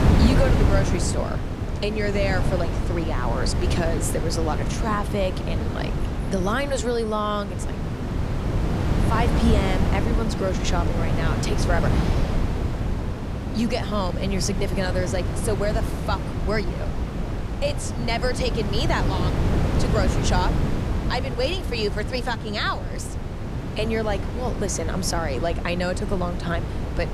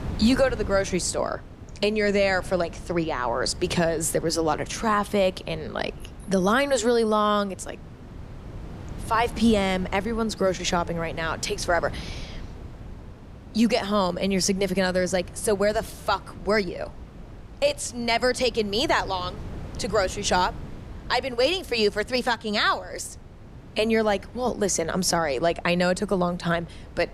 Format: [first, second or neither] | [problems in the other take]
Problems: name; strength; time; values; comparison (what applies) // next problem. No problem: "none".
second | wind noise on the microphone; heavy; 5 dB below the speech; occasional gusts in the second